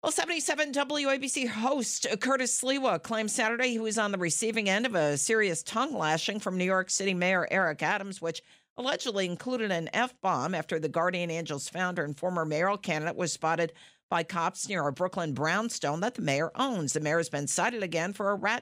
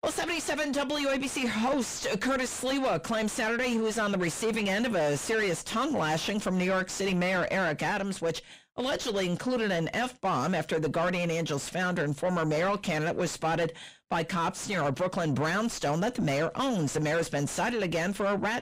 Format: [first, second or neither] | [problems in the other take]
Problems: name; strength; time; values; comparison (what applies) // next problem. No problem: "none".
first | distortion; heavy; 5 dB below the speech